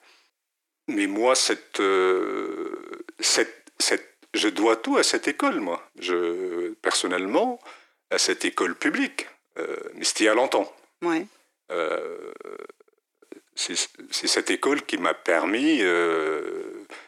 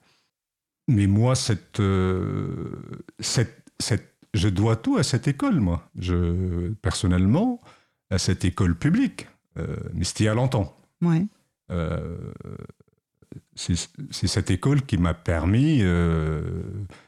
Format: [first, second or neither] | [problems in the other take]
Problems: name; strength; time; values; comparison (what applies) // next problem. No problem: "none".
second | thin; very; fading below 350 Hz